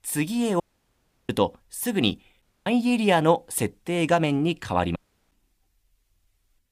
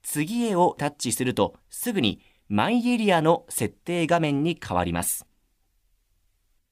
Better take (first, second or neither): second